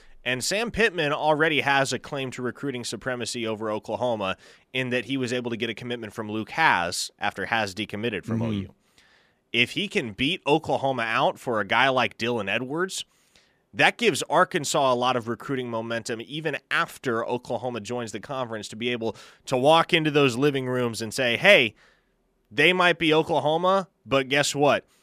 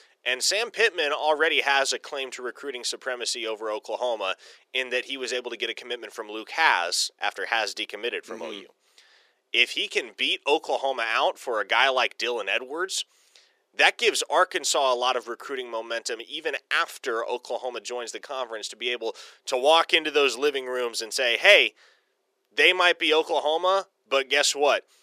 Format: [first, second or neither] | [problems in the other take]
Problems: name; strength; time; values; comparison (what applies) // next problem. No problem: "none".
first | thin; very; fading below 400 Hz